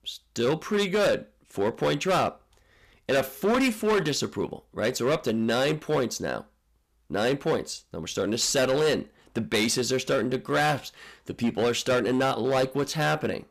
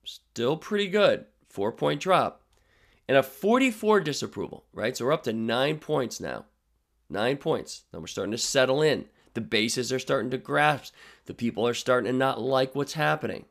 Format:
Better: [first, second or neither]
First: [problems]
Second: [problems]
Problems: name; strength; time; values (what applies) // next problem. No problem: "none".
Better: second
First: distortion; heavy; 11% of the sound clipped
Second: none